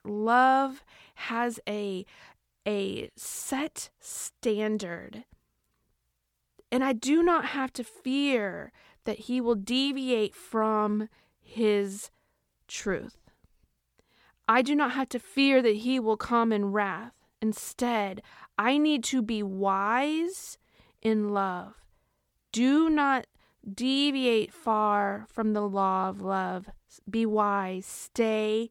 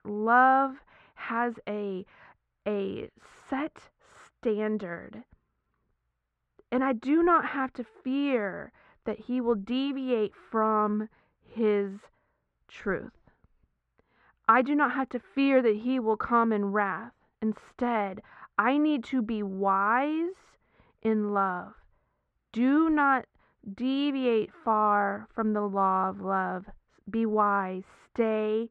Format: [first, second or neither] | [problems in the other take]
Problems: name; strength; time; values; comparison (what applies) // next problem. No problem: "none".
first | muffled; very; fading above 1.5 kHz